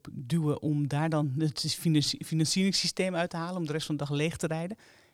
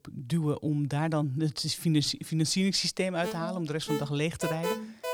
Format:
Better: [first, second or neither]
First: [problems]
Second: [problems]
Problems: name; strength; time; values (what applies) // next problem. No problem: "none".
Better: first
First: none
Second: alarm; noticeable; from 3 s on; peak 3 dB below the speech